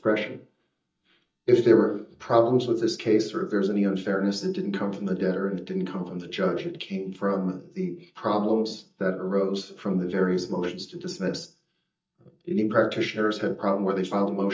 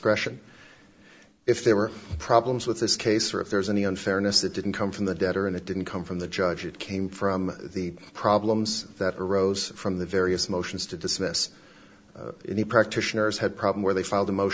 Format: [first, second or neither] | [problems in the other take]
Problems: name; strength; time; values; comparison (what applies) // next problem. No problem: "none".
second | noise reduction (neural mask model DeepFilterNet 3)